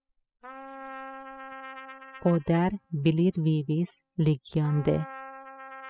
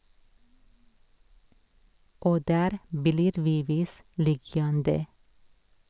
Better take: second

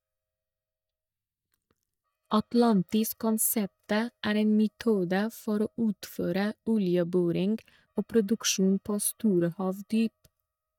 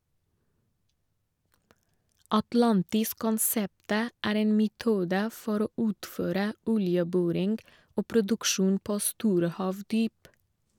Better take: second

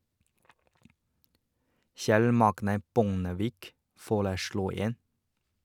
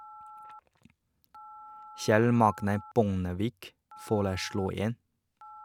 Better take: first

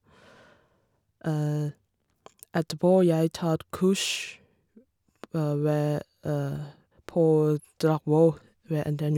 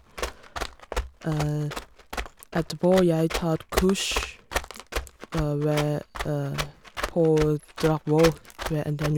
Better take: first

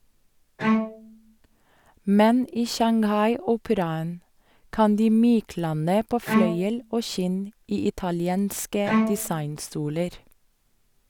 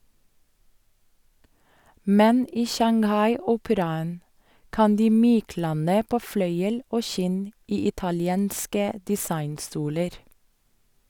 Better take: second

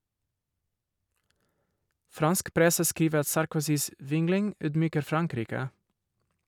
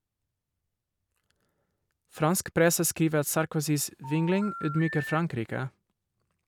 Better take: first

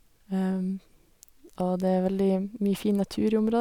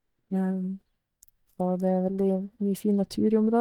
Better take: first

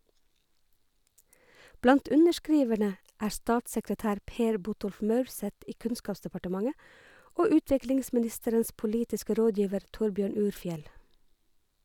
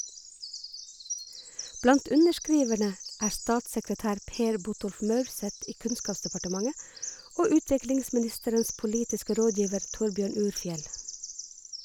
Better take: first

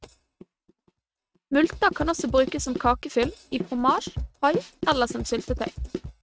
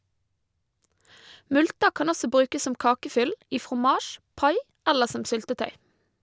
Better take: second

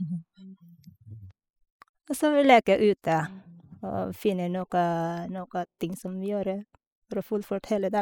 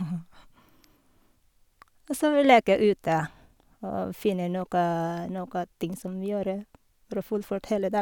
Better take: second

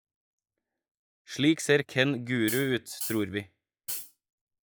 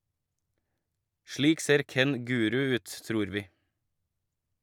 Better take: second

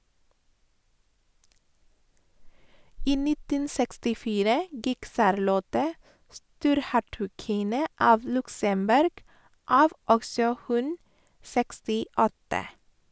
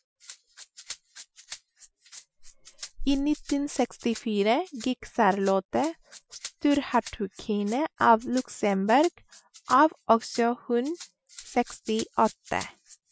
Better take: first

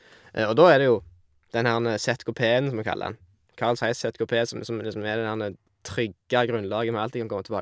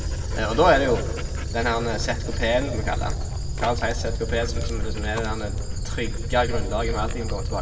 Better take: first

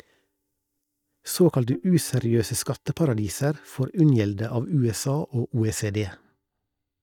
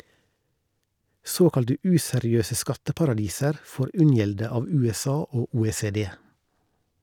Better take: second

